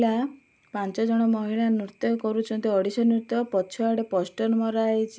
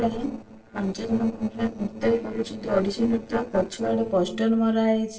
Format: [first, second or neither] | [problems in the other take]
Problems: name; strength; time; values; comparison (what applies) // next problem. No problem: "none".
first | noise reduction (neural separator model SepFormer DNS4)